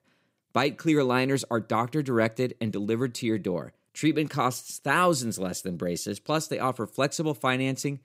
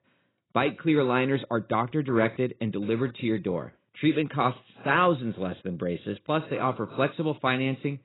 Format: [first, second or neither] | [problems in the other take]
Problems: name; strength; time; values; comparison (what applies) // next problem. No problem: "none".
first | garbled, watery; badly; nothing above 4 kHz